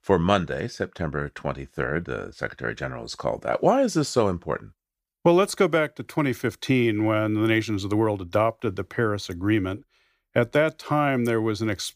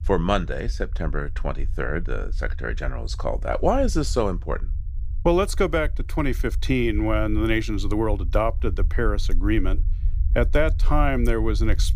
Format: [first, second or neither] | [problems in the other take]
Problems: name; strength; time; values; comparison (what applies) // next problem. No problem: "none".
first | low rumble; faint; throughout; 25 dB below the speech